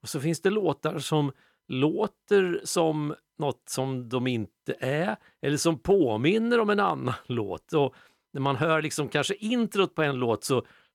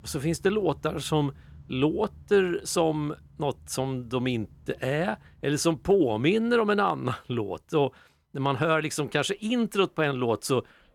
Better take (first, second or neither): first